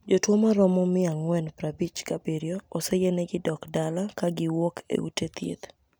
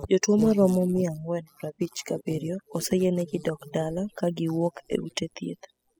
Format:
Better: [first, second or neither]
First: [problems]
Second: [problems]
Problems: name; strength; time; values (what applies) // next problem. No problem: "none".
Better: first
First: none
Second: noise reduction (classical method spectral subtraction)